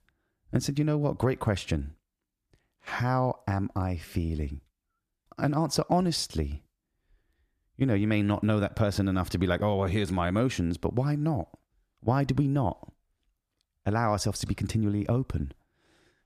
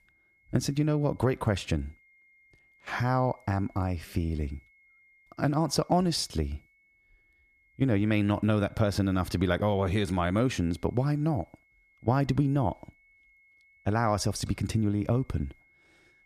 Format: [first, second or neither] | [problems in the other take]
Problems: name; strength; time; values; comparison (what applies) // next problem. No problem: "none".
first | high-pitched whine; faint; throughout; 2 kHz, 35 dB below the speech